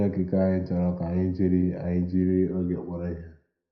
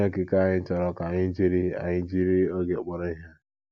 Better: second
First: room echo; dies away in 0.4 s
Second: none

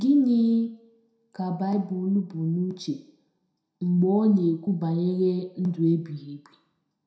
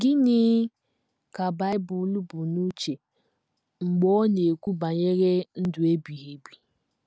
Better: second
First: room echo; dies away in 0.5 s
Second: none

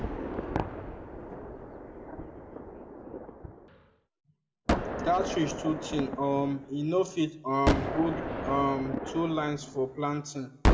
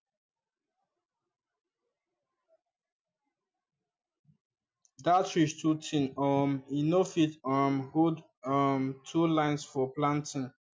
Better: second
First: background sound (Gunshot, gunfire); 1 dB below the speech // room echo; dies away in 0.8 s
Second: none

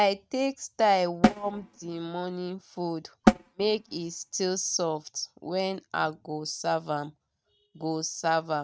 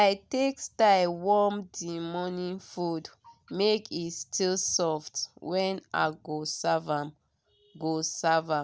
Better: second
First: noise reduction (neural mask model RNNoise)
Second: none

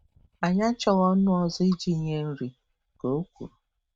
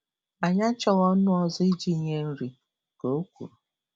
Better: second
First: noise reduction (neural mask model RNNoise)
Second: none

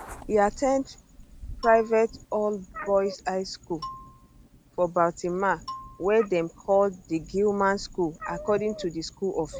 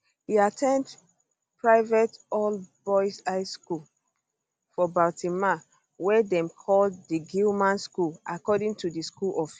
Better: second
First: background sound (Meow + Marimba, xylophone); 16 dB below the speech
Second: none

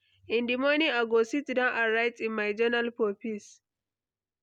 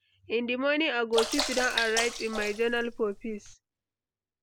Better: first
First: none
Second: background sound (Sink (filling or washing) / Water / Splash, splatter); 4 dB below the speech

